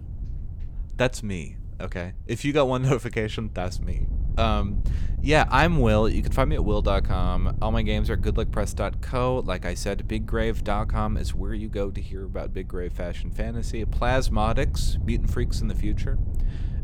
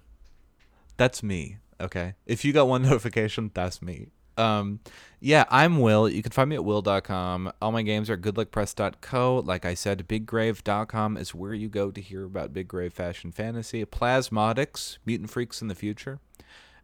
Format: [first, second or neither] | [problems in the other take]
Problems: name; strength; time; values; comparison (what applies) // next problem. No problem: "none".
second | wind noise on the microphone; occasional gusts; 20 dB below the speech